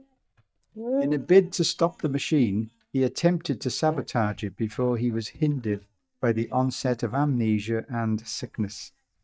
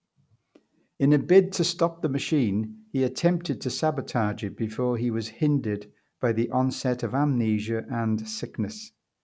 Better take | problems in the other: second | noise reduction (neural mask model DeepFilterNet 3)

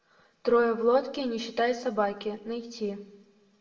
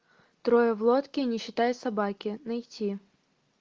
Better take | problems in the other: second | room echo; dies away in 0.6 s

